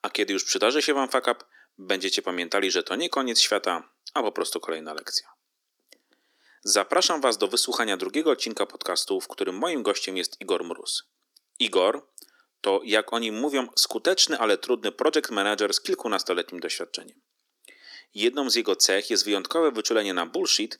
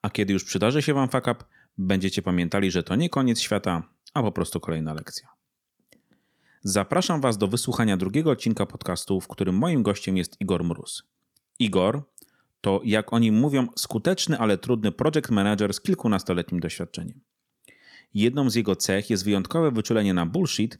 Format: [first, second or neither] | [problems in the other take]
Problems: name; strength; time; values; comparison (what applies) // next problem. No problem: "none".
second | thin; somewhat; fading below 300 Hz